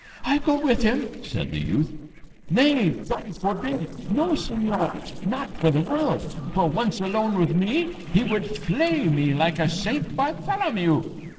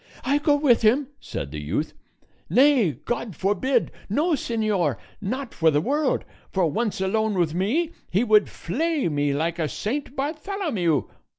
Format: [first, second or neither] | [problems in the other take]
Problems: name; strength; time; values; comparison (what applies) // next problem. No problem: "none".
second | noise reduction (neural separator model SepFormer DNS4)